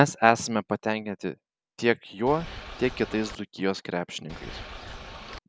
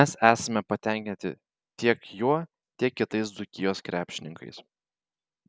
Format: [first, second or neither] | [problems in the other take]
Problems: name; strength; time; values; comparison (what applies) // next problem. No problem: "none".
second | background sound (Boat, Water vehicle); 12 dB below the speech